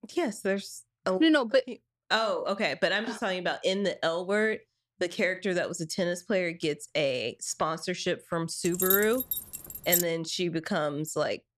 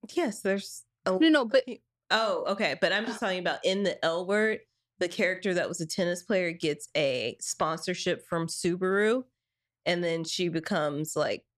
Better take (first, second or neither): second